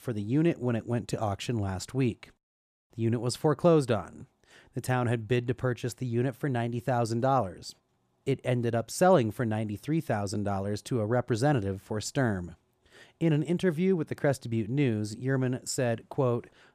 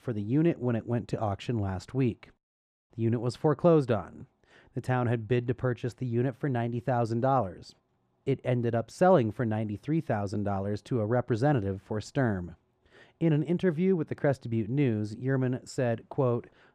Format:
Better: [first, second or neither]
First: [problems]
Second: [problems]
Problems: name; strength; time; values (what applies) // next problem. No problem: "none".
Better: first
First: none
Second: muffled; slightly; fading above 2 kHz